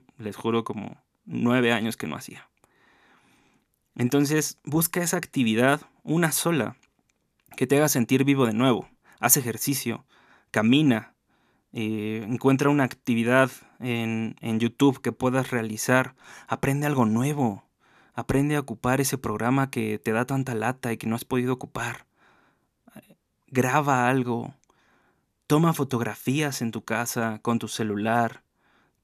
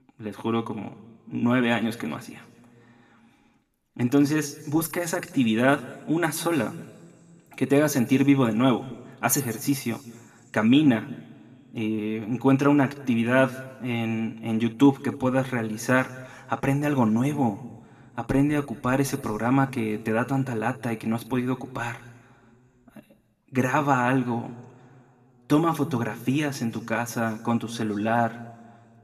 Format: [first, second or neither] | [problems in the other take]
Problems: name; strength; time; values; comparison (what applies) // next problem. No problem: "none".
first | room echo; slight; dies away in 1.5 s